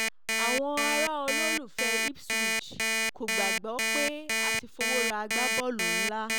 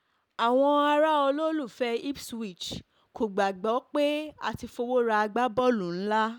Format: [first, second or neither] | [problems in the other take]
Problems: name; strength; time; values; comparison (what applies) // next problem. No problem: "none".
second | background sound (Alarm); 5 dB above the speech